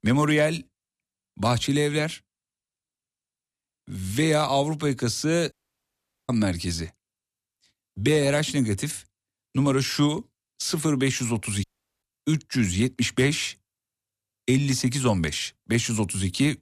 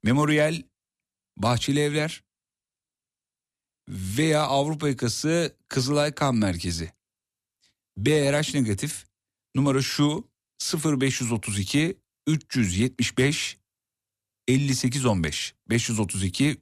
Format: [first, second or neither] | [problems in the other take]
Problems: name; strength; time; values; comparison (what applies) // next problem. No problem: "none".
second | audio cutting out; at 5.5 s for 1 s and at 12 s